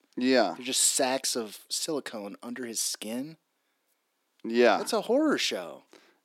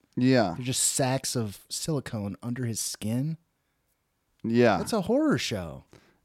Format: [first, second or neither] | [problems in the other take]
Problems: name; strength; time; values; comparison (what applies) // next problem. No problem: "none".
second | thin; very slightly; fading below 250 Hz